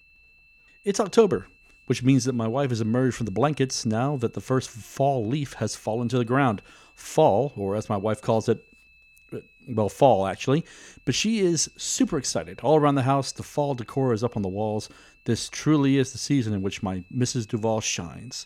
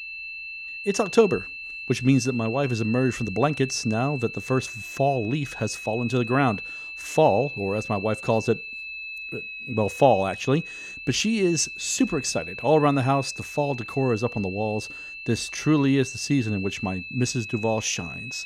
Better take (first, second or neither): first